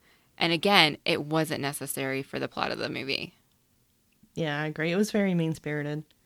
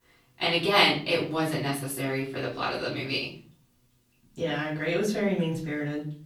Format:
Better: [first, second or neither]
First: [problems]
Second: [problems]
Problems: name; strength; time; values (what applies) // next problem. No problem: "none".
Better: first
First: none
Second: off-mic speech; far // room echo; slight; dies away in 0.4 s